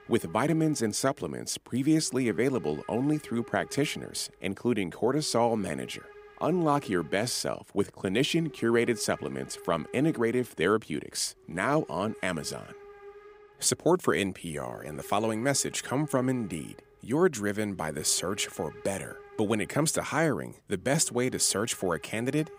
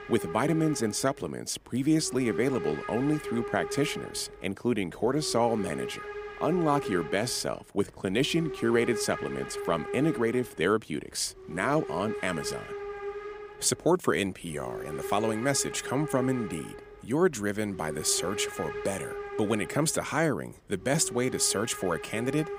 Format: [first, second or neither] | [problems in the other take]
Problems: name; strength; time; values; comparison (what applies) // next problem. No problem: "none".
first | hiss; loud; throughout; 9 dB below the speech; faint in the first